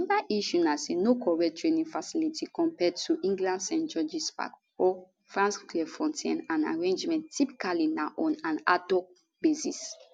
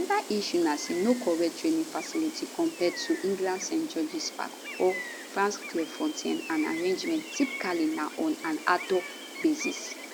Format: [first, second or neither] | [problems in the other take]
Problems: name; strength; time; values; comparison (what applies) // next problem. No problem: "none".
first | background sound (Gull, seagull); 11 dB below the speech